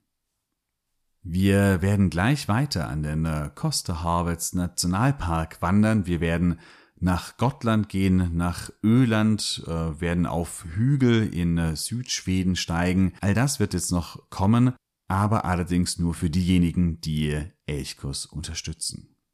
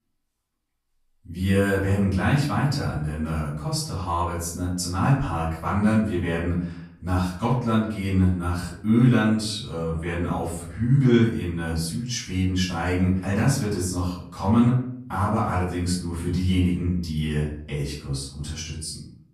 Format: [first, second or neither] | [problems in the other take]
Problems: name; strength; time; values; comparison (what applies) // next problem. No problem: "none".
first | off-mic speech; far // room echo; noticeable; dies away in 0.5 s